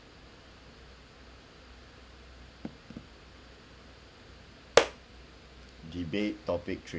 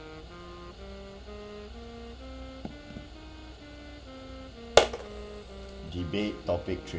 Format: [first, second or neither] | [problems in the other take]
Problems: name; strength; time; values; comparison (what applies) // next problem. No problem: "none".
first | background sound (Wind instrument, woodwind instrument); 13 dB below the speech // room echo; dies away in 2.8 s